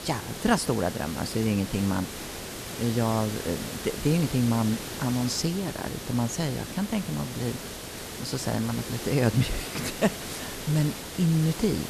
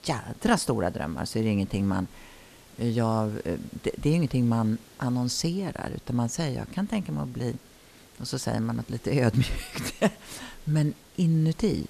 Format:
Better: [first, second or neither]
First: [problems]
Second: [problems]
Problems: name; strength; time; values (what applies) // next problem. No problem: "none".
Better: second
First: hiss; loud; throughout; 8 dB below the speech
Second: hiss; faint; throughout; 25 dB below the speech